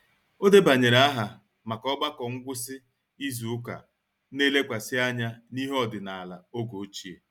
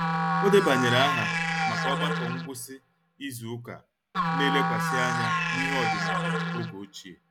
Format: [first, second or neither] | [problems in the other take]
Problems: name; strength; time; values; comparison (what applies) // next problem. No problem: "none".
first | background sound (Musical instrument); 2 dB above the speech